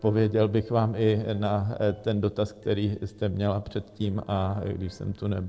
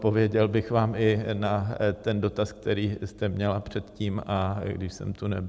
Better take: second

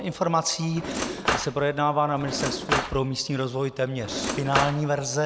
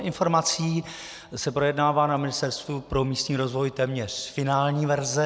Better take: second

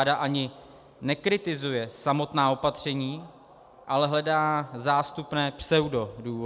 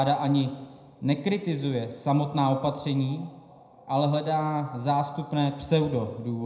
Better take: first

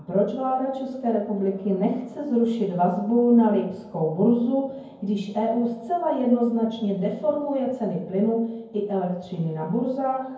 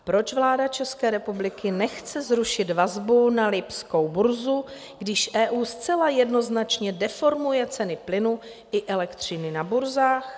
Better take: second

